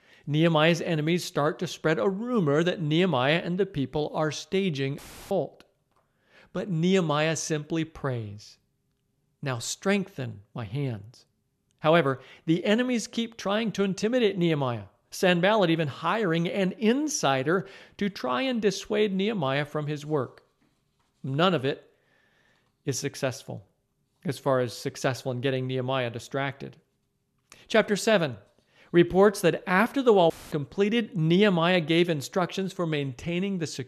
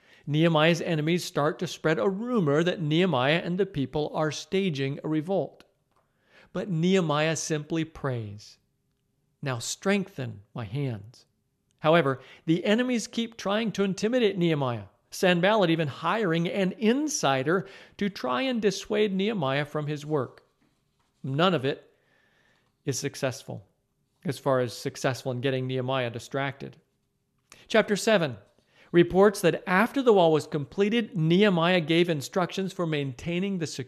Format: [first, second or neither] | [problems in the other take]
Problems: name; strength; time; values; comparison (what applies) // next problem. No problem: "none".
second | audio cutting out; filled with static; at 5 s and at 30 s